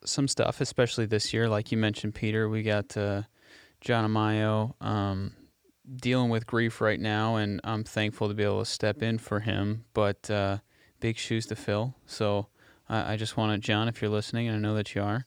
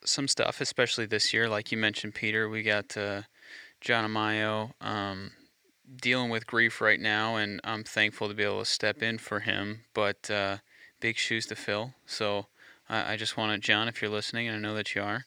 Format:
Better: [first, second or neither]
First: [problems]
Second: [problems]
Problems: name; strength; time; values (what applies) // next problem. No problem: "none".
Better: first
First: none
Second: thin; somewhat; fading below 600 Hz